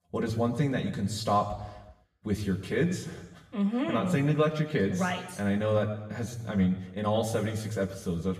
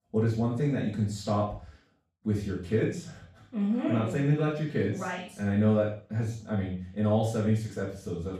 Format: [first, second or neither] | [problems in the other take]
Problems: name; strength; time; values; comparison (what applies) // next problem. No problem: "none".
first | room echo; strong; dies away in 0.4 s; slight in the first // off-mic speech; far; somewhat distant in the first